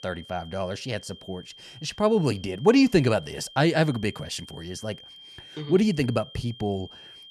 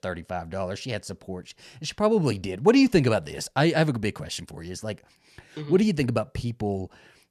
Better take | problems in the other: second | high-pitched whine; noticeable; throughout; 3 kHz, 20 dB below the speech

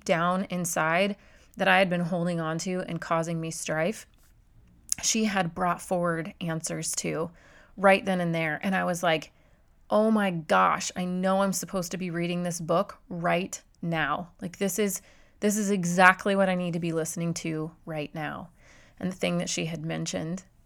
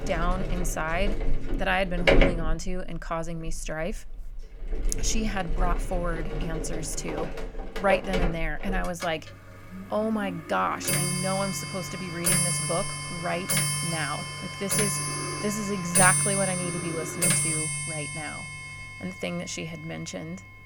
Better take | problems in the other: first | household noises; very loud; throughout; 3 dB above the speech

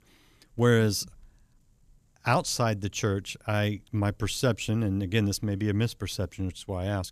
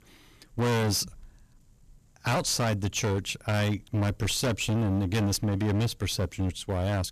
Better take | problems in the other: first | distortion; heavy; 20% of the sound clipped

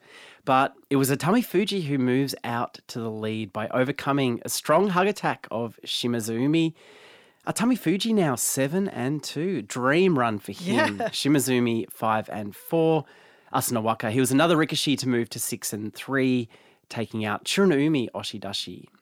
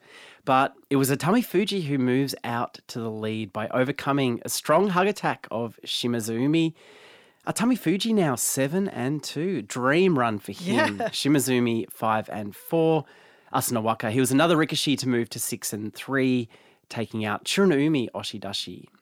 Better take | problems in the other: neither | none

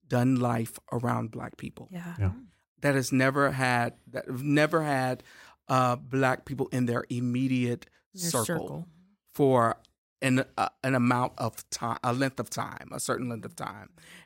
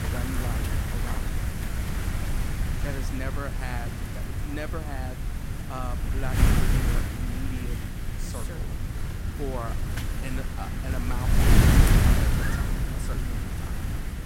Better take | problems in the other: first | wind noise on the microphone; heavy; 5 dB above the speech

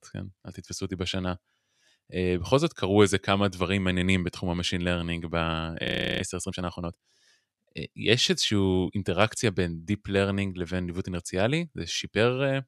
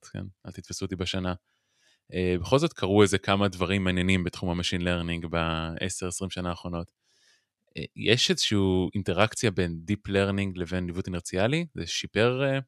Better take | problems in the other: second | audio freezing; at 6 s

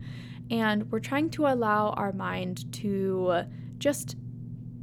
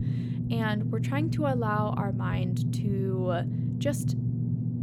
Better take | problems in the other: first | low rumble; loud; throughout; 7 dB below the speech; faint in the first

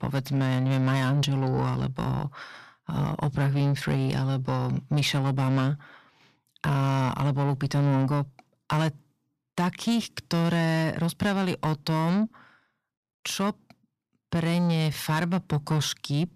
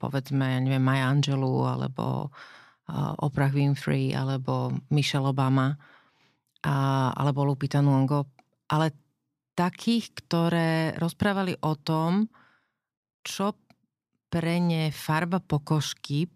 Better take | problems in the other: second | distortion; slight; 10 dB below the speech

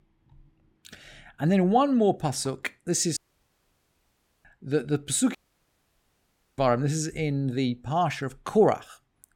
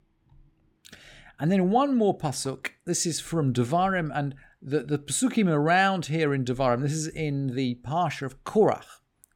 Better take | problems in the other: second | audio cutting out; at 3 s for 1.5 s and at 5.5 s for 1 s

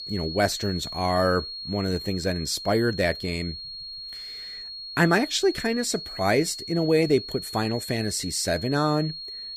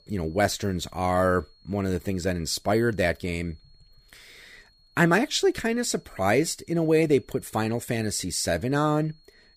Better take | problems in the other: second | high-pitched whine; loud; throughout; 4.5 kHz, 9 dB below the speech; faint in the second

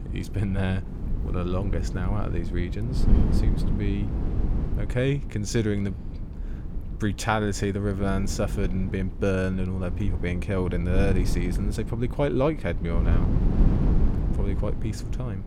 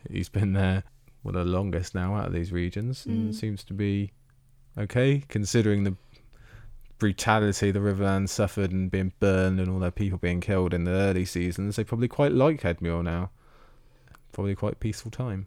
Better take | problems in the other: second | wind noise on the microphone; heavy; 9 dB below the speech

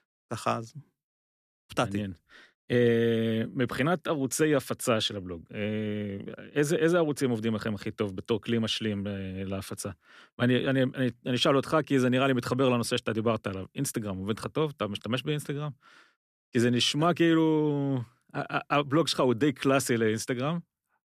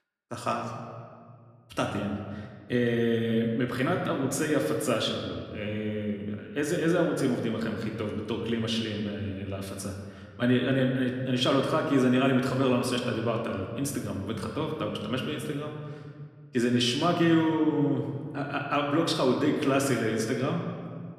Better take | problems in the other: first | room echo; noticeable; dies away in 1.6 s // off-mic speech; somewhat distant

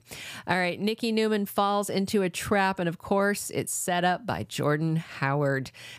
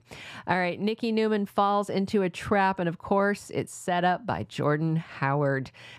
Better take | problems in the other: first | muffled; slightly; fading above 2.5 kHz

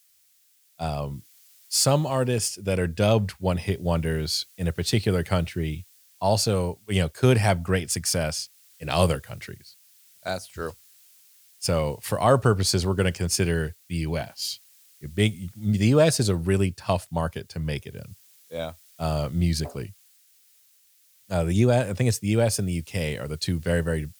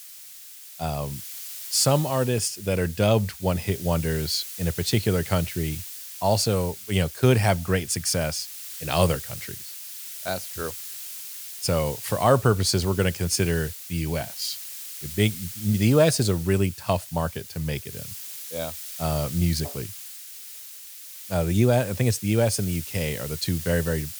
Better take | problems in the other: first | hiss; loud; throughout; 10 dB below the speech; faint in the first

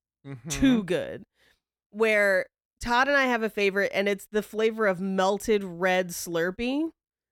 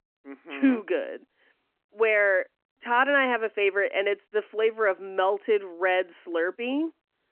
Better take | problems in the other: first | phone-call audio

